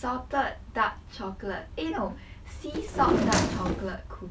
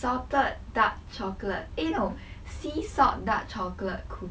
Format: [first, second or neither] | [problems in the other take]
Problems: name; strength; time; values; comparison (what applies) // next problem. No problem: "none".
second | background sound (Drawer open or close); 4 dB above the speech